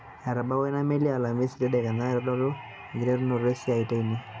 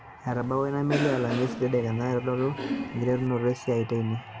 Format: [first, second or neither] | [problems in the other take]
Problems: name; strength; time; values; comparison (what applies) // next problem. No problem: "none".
first | background sound (Cough); 8 dB below the speech